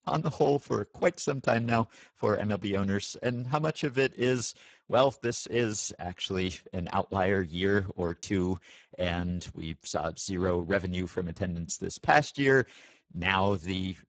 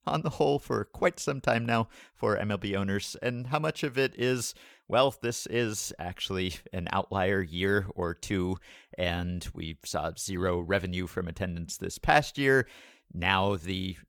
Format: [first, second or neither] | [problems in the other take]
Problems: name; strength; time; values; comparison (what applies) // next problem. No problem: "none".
second | garbled, watery; badly; nothing above 7.5 kHz